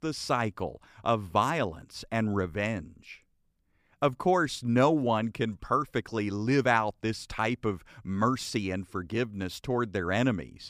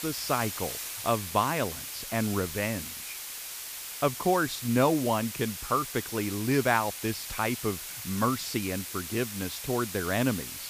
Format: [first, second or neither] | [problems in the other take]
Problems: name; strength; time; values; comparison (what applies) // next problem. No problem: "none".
first | hiss; loud; throughout; 6 dB below the speech